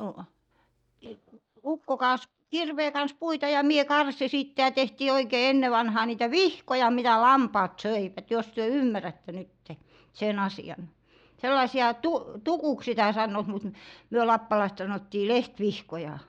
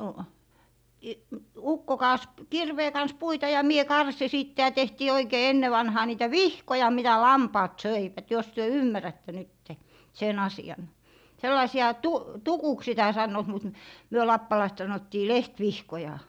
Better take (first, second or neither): second